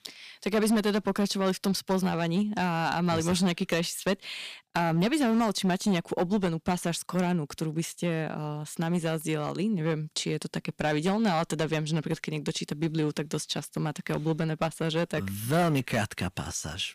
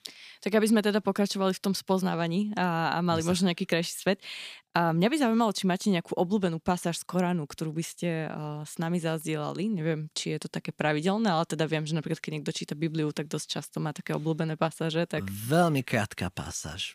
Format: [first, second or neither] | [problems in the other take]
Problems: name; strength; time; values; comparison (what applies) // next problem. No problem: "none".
second | distortion; slight; 6% of the sound clipped